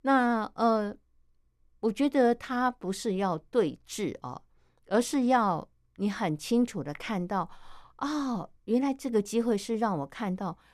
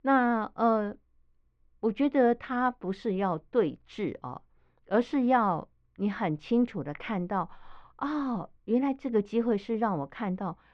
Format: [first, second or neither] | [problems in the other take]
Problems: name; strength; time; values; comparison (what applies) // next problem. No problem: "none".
first | muffled; very; fading above 3 kHz